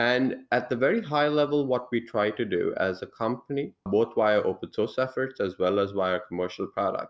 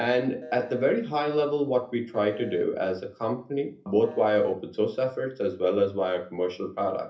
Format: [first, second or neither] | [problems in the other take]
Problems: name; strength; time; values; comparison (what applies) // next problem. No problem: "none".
first | background sound (Telephone); 16 dB below the speech // room echo; dies away in 0.3 s